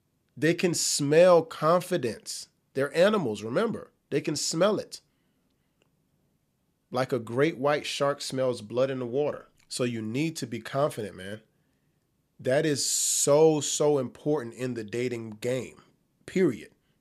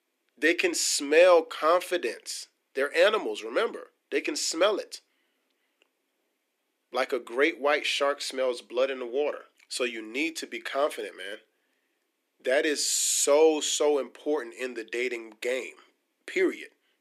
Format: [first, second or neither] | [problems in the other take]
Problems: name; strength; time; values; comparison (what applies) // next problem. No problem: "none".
first | thin; somewhat; fading below 300 Hz